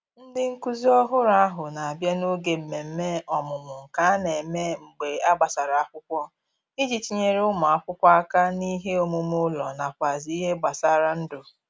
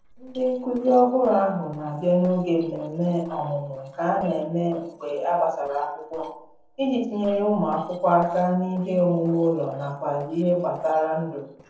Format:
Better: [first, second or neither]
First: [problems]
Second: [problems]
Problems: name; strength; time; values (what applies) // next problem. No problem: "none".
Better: first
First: none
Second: noise reduction (neural separator model SepFormer DNS4)